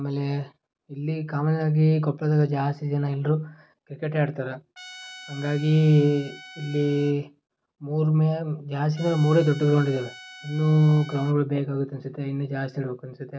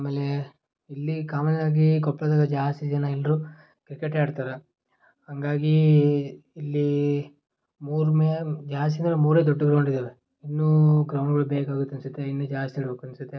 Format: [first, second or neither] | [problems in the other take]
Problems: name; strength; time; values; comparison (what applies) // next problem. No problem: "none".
second | background sound (Trumpet); 19 dB below the speech